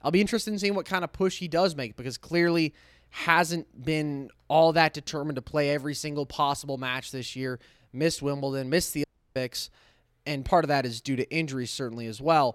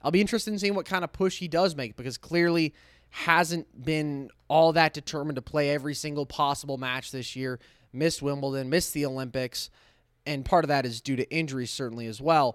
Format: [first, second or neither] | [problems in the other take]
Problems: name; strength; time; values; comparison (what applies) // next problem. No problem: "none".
second | audio cutting out; at 9 s